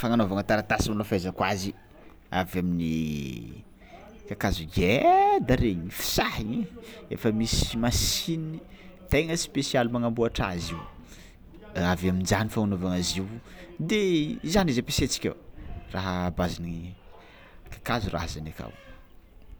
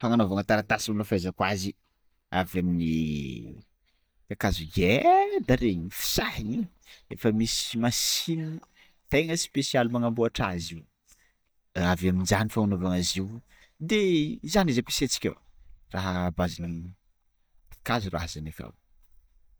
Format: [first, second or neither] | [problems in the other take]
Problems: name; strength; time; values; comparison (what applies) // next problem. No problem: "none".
first | noise reduction (neural mask model DeepFilterNet 3)